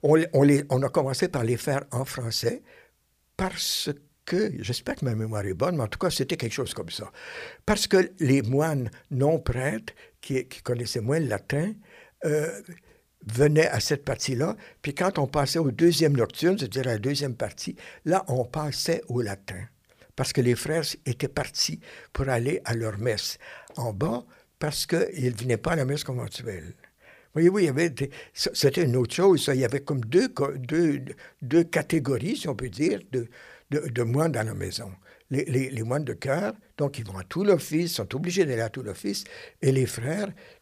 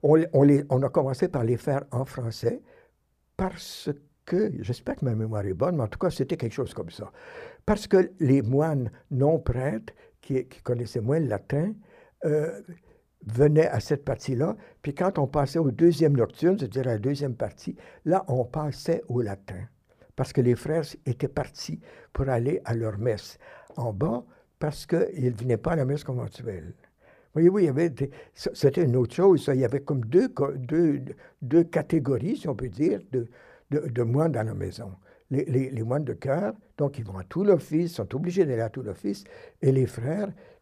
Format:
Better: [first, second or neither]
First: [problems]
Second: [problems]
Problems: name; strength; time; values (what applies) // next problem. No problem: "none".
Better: first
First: none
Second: muffled; slightly; fading above 1.5 kHz